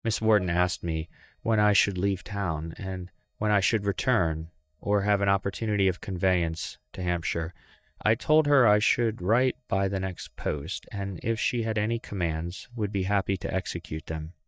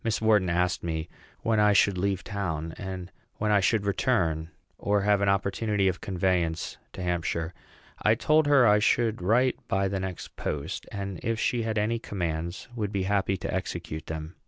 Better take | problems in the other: second | noise reduction (neural mask model DeepFilterNet 3)

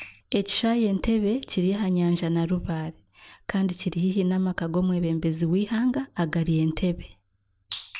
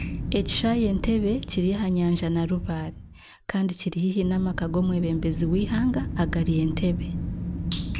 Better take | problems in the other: first | background sound (Wind); 6 dB below the speech

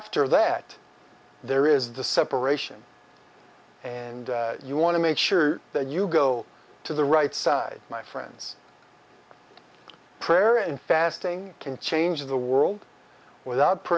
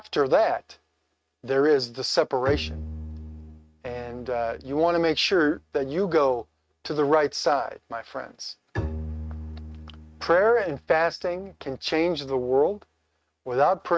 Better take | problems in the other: first | noise reduction (neural mask model RNNoise)

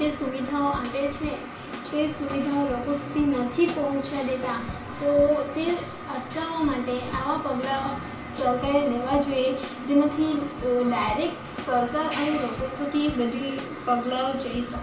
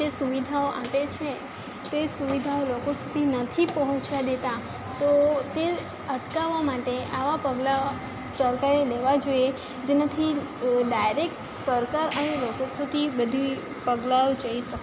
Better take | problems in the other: second | background sound (Drum / Drum kit); 17 dB below the speech // room echo; dies away in 0.4 s

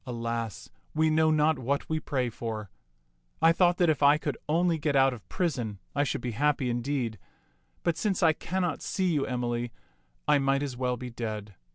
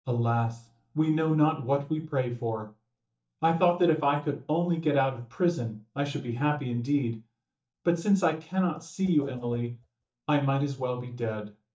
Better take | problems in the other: first | noise reduction (neural mask model DeepFilterNet 3)

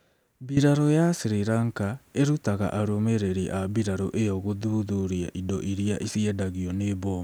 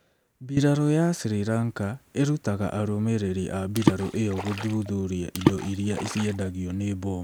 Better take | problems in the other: first | background sound (Water / Splash, splatter); 3 dB below the speech

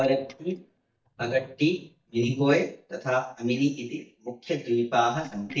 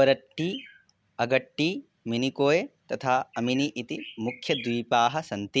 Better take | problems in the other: second | noise reduction (neural mask model DeepFilterNet 3)

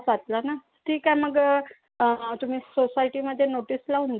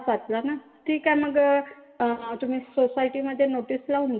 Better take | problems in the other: first | room echo; dies away in 2.1 s

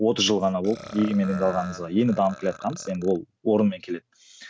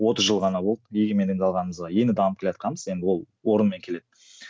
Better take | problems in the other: second | background sound (Burping, eructation); 16 dB below the speech

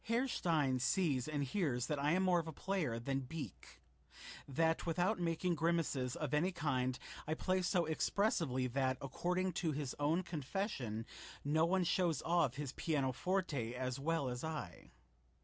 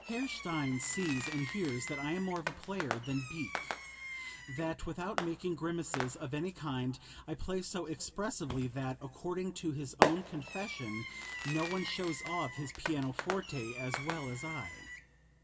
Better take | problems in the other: first | background sound (Fireworks); 3 dB below the speech // room echo; dies away in 2.5 s

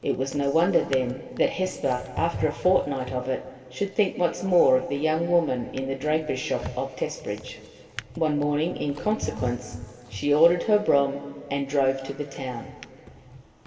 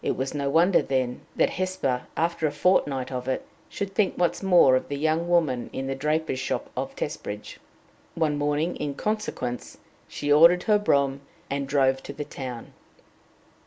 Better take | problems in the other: second | background sound (Drawer open or close); 16 dB below the speech // room echo; dies away in 2.3 s

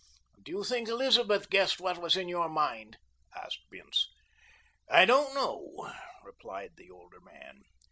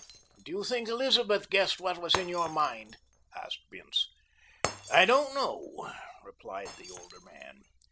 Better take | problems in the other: first | background sound (Shatter); 13 dB below the speech

